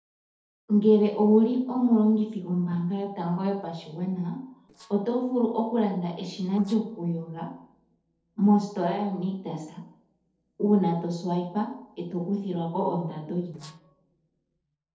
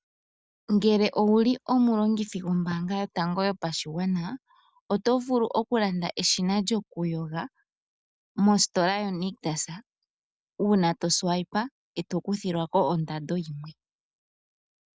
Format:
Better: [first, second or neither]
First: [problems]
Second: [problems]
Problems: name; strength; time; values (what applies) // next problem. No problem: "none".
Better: second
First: noise reduction (neural separator model SepFormer DNS4)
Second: none